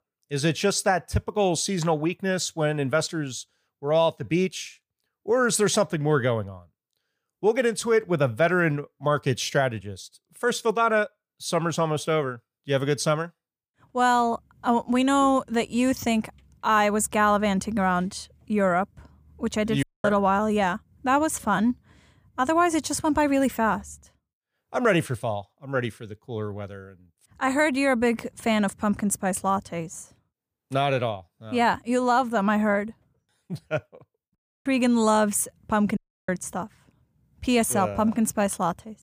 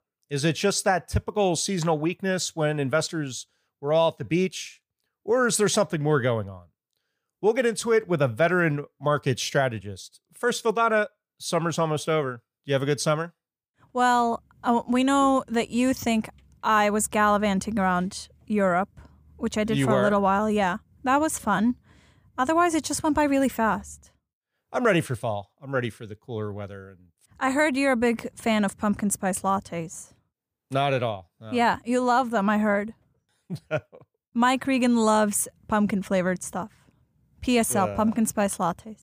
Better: second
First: audio cutting out; at 20 s, at 34 s and at 36 s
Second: none

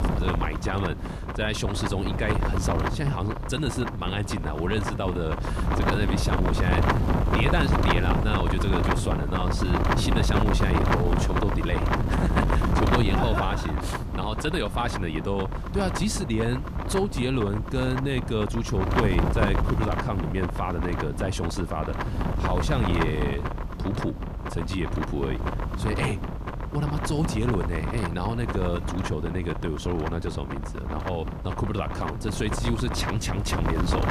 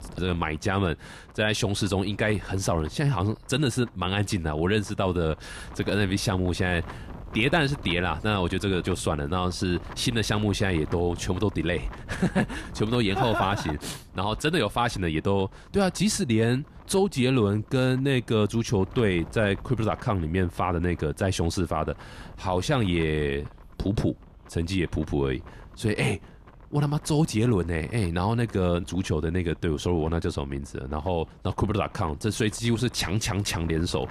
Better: second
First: wind noise on the microphone; heavy; as loud as the speech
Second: wind noise on the microphone; occasional gusts; 20 dB below the speech

